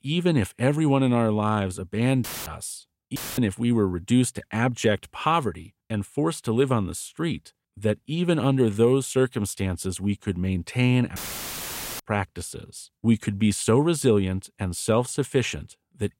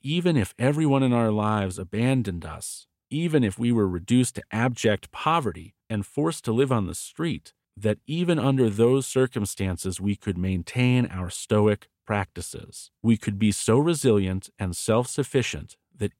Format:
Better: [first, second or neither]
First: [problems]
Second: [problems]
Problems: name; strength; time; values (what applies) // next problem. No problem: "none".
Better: second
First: audio cutting out; filled with static; at 2 s, at 3 s and at 11 s for 1 s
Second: none